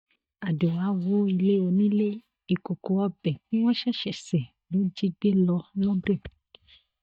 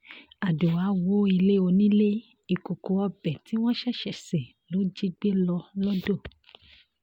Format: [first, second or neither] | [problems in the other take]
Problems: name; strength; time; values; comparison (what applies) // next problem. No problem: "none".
second | noise reduction (neural mask model DeepFilterNet 3)